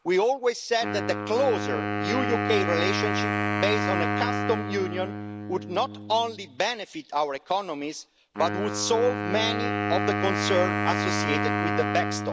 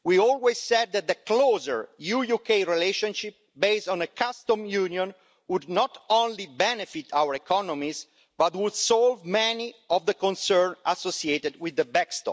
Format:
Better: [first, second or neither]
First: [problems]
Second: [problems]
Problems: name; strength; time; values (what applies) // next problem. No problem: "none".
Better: second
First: background sound (Wind instrument, woodwind instrument); 1 dB below the speech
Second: none